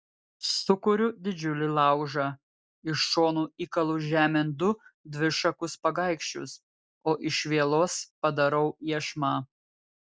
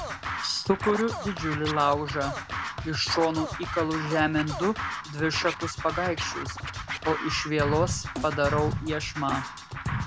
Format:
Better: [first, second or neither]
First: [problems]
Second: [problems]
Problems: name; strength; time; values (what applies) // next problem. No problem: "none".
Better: first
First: none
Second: background sound (Scratching (performance technique)); 4 dB below the speech